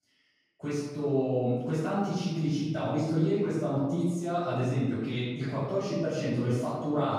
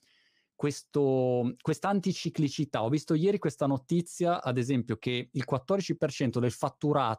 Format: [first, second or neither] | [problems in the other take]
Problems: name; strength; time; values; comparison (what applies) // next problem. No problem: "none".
second | off-mic speech; far // room echo; strong; dies away in 1.2 s